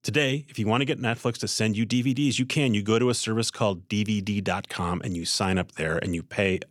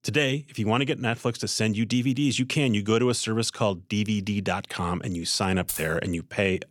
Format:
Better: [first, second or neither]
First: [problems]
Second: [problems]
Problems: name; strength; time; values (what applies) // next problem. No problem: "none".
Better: first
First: none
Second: jangling keys; noticeable; at 5.5 s; peak 6 dB below the speech